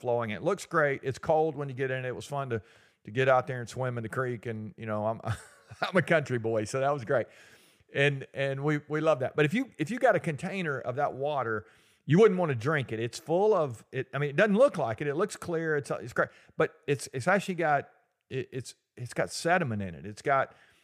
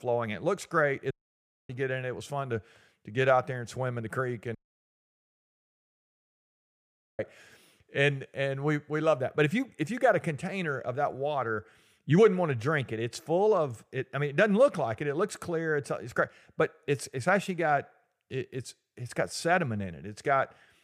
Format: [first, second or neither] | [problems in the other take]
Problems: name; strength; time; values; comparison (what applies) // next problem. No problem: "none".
first | audio cutting out; at 1 s for 0.5 s and at 4.5 s for 2.5 s